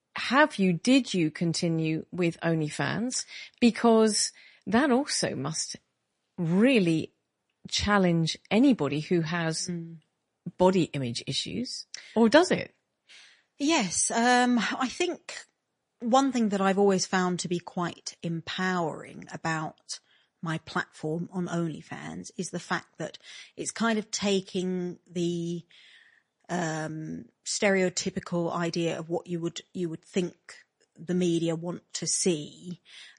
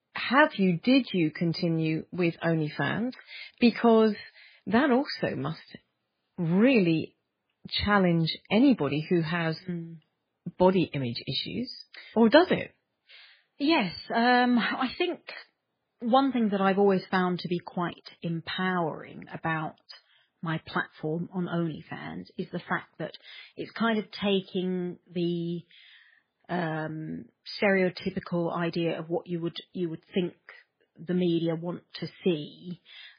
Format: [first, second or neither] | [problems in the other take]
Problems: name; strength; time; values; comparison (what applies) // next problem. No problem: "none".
first | garbled, watery; badly; nothing above 4 kHz; slightly in the first